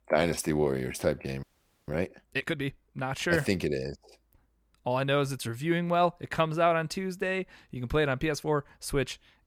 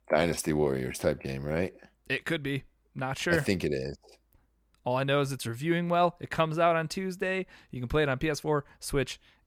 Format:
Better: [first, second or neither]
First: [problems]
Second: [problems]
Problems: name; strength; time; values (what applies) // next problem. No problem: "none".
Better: second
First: audio freezing; at 1.5 s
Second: none